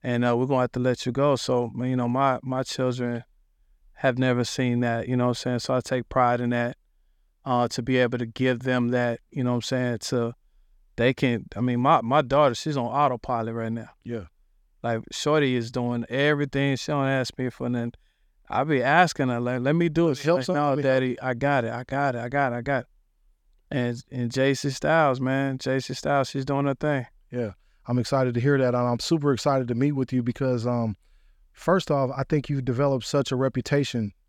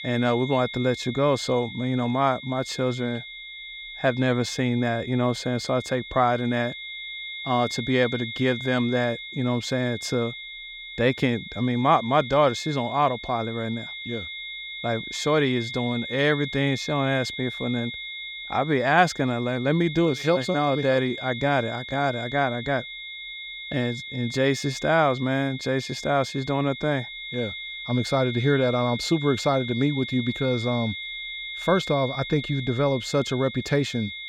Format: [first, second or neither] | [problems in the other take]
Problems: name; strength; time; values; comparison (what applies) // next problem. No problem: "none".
first | high-pitched whine; loud; throughout; 2 kHz, 9 dB below the speech